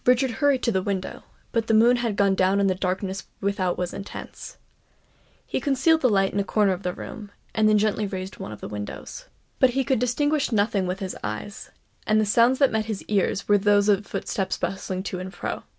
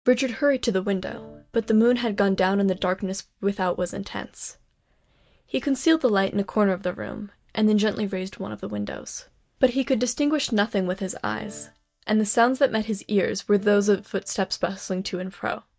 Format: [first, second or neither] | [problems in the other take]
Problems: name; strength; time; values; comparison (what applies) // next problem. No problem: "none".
first | noise reduction (neural mask model DeepFilterNet 3)